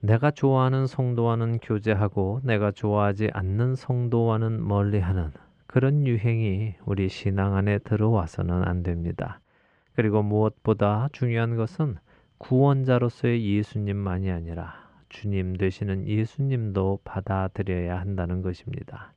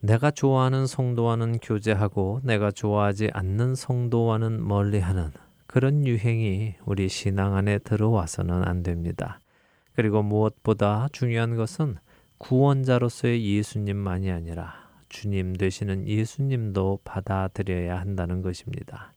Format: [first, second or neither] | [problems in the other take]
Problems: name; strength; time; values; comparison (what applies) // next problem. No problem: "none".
second | muffled; slightly; fading above 3 kHz